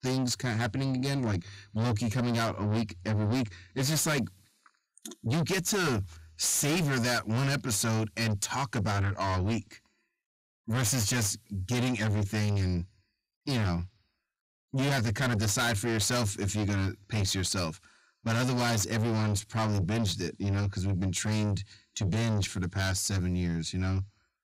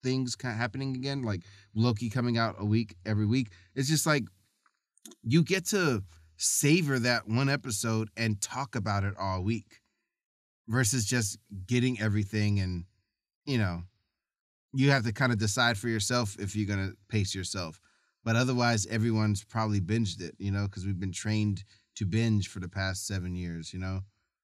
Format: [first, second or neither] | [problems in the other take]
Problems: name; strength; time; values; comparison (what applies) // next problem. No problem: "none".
second | distortion; heavy; 5 dB below the speech